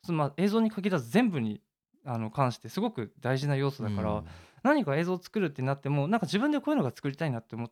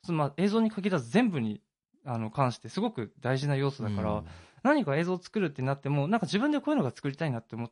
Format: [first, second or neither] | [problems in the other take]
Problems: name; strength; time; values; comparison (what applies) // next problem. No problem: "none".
first | garbled, watery; slightly; nothing above 10 kHz